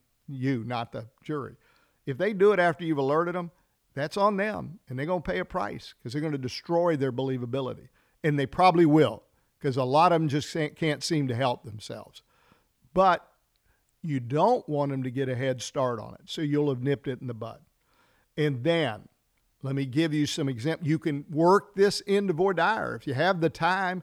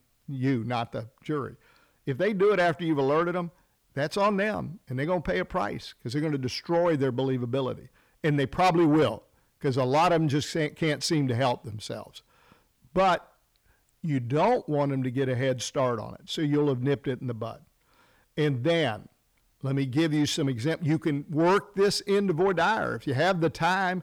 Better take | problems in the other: first | distortion; slight; 10 dB below the speech

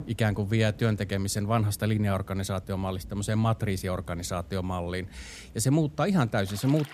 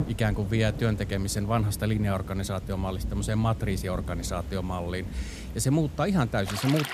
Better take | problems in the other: first | rain or running water; loud; throughout; 9 dB below the speech; faint in the first

